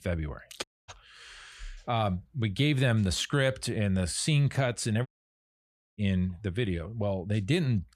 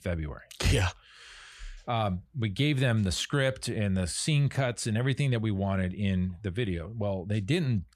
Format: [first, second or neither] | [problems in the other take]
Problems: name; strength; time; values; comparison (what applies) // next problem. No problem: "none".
second | audio cutting out; at 0.5 s and at 5 s for 1 s